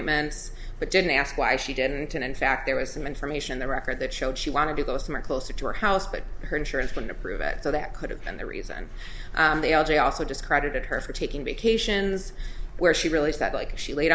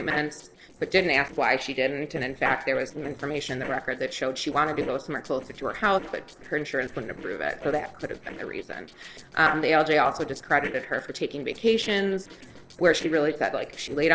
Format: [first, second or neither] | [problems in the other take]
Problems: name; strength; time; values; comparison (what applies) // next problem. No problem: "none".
first | noise reduction (neural separator model SepFormer DNS4)